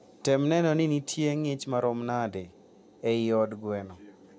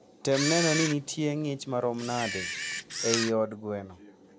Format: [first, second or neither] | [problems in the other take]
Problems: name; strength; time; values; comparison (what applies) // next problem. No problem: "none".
first | background sound (Camera); 4 dB below the speech